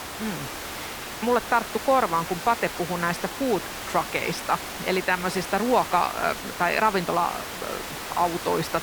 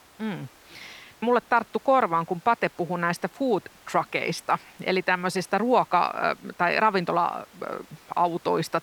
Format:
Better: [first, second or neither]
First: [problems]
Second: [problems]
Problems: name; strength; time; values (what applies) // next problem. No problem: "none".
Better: second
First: hiss; loud; throughout; 8 dB below the speech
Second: hiss; faint; throughout; 25 dB below the speech